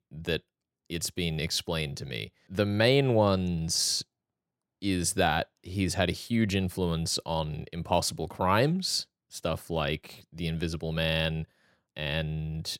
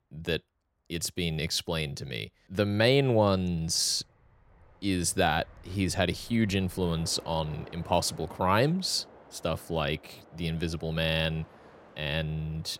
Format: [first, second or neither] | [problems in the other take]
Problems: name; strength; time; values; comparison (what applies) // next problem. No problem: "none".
first | train or aircraft noise; faint; throughout; 25 dB below the speech